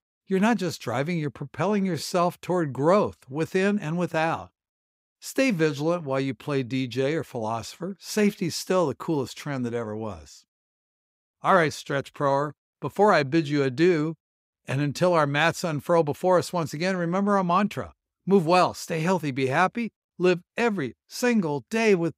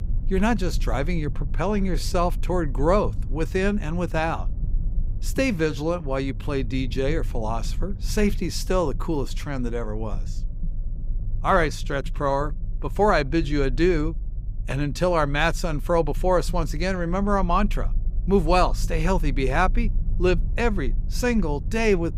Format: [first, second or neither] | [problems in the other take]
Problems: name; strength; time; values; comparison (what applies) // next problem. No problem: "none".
first | low rumble; faint; throughout; 25 dB below the speech